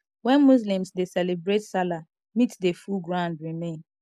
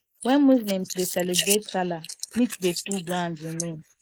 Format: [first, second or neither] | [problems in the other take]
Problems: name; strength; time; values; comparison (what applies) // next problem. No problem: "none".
first | noise reduction (neural mask model Resemble Enhance denoiser)